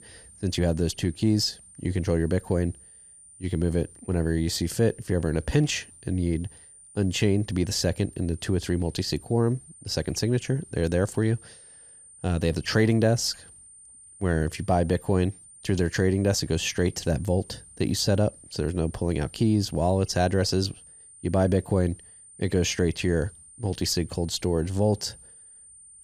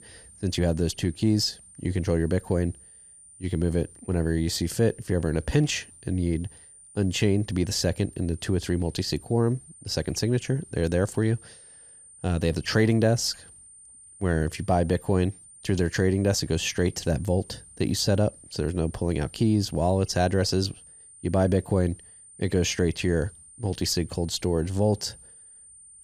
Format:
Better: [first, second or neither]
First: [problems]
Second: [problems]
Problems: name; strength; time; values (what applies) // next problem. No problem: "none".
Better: neither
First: high-pitched whine; faint; throughout; 9 kHz, 20 dB below the speech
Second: high-pitched whine; faint; throughout; 9 kHz, 20 dB below the speech